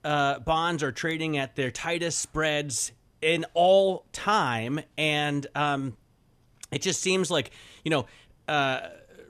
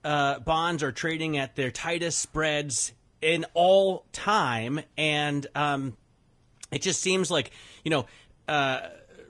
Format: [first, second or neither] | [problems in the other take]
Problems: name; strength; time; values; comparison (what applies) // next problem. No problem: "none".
first | garbled, watery; slightly